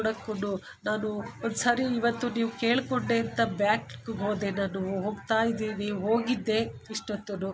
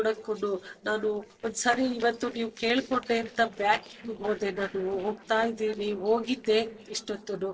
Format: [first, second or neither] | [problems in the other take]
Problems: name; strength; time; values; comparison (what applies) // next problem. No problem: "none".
first | noise reduction (neural separator model SepFormer DNS4)